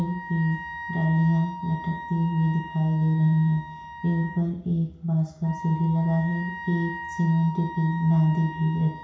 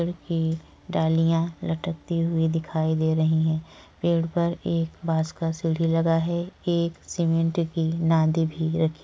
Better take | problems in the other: second | background sound (Wind instrument, woodwind instrument); 13 dB below the speech // room echo; dies away in 0.6 s

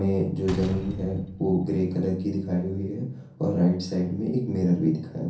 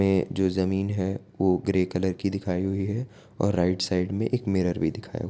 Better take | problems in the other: second | background sound (Slam); 14 dB below the speech // room echo; dies away in 0.6 s

